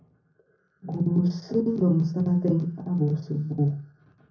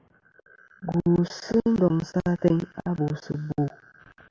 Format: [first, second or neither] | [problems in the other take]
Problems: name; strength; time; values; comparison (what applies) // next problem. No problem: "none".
second | room echo; dies away in 0.4 s